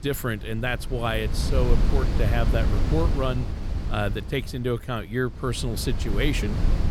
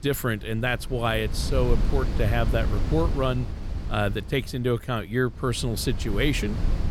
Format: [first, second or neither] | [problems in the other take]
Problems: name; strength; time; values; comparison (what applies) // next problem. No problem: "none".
second | wind noise on the microphone; heavy; 8 dB below the speech; occasional gusts in the second